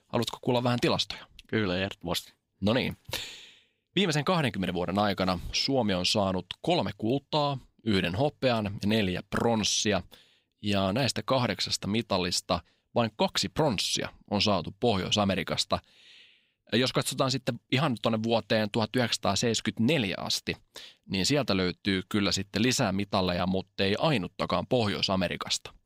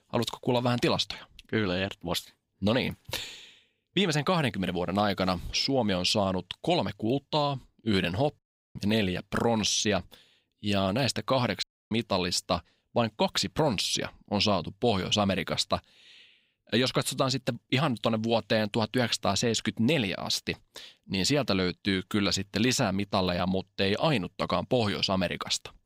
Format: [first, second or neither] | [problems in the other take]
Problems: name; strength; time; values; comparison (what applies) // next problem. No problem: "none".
first | audio cutting out; at 8.5 s and at 12 s